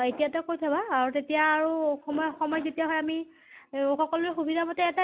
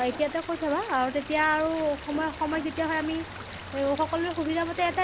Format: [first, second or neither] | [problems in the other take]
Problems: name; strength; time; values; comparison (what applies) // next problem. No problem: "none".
first | background sound (Stream); 12 dB below the speech